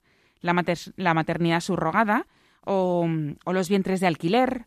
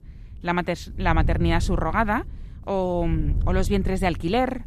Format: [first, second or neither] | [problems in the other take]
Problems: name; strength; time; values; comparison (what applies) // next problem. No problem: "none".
first | wind noise on the microphone; occasional gusts; 20 dB below the speech